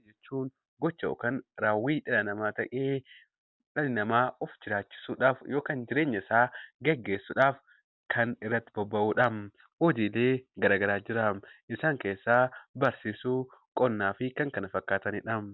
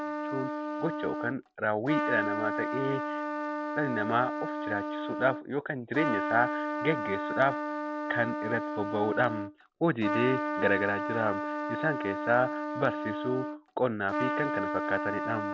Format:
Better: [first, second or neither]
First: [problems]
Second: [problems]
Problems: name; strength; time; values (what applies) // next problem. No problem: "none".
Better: first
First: none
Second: background sound (Trumpet); 2 dB below the speech